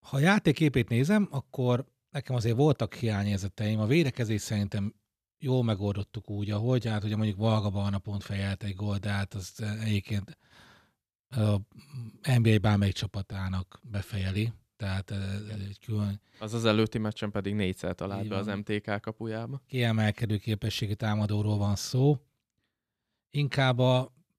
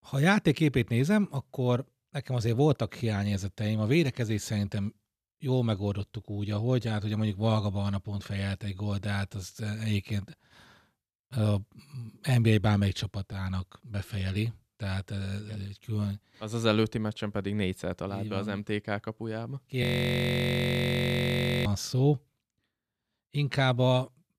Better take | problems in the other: first | audio freezing; at 20 s for 2 s

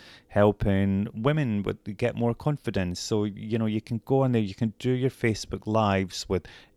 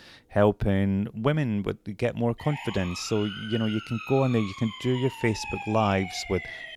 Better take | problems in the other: first | siren; noticeable; from 2.5 s on; peak 8 dB below the speech

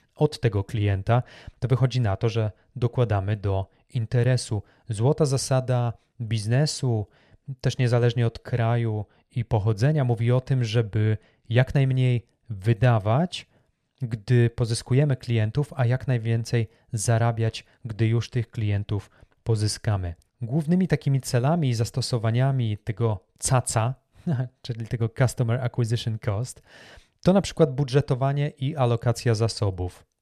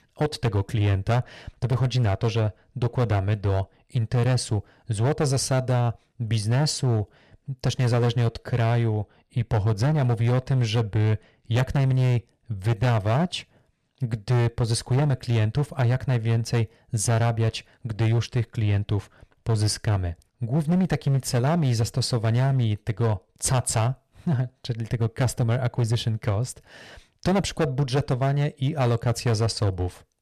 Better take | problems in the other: first | distortion; slight; 14% of the sound clipped

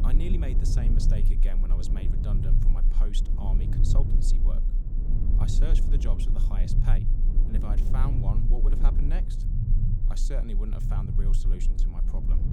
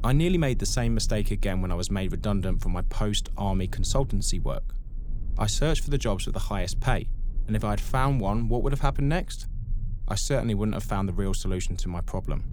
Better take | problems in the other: second | low rumble; loud; throughout; 2 dB below the speech; faint in the second

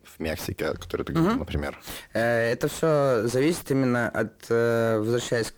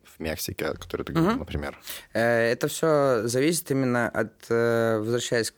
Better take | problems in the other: second | distortion; slight; 10 dB below the speech

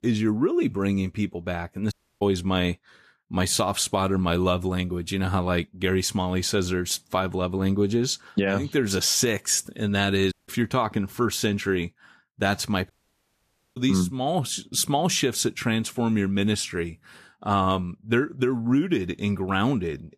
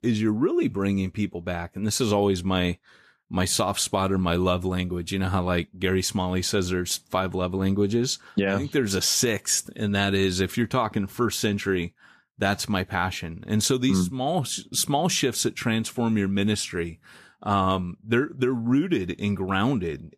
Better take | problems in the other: second | audio cutting out; at 2 s, at 10 s and at 13 s for 1 s

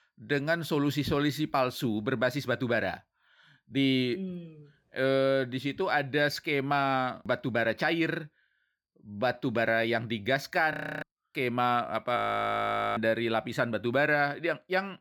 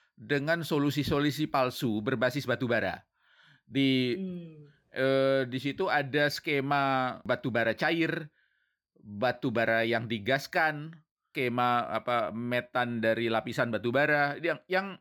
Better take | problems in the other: second | audio freezing; at 11 s and at 12 s for 1 s

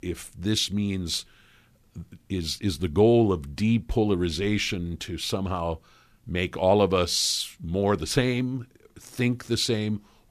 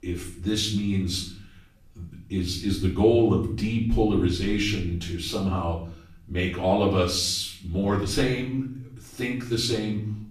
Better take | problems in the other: first | off-mic speech; far // room echo; slight; dies away in 0.6 s

